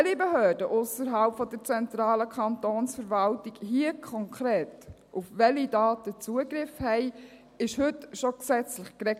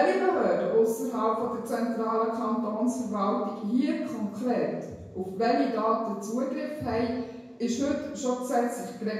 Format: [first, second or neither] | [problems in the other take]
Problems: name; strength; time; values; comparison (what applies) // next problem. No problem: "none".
first | room echo; dies away in 1 s